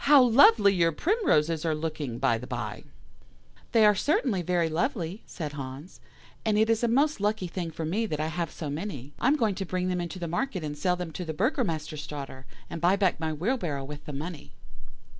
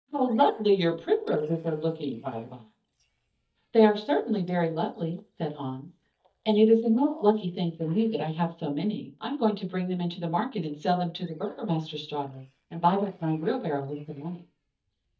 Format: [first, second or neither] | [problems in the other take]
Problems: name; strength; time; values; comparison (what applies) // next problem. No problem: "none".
first | noise reduction (neural mask model DeepFilterNet 3)